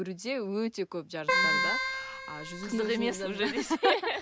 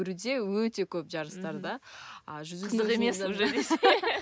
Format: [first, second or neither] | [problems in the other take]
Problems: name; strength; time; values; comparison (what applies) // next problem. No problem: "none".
second | background sound (Keyboard (musical)); as loud as the speech